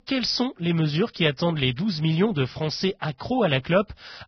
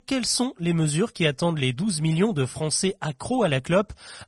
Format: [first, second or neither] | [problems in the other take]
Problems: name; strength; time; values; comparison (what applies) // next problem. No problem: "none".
second | garbled, watery; badly; nothing above 5.5 kHz; slightly in the second